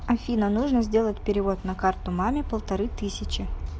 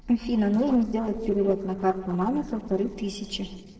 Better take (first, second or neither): first